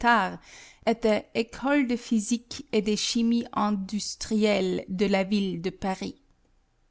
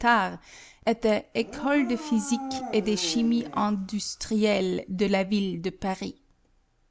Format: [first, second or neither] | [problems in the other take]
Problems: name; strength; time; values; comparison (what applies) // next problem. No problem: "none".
first | background sound (Dog); 12 dB below the speech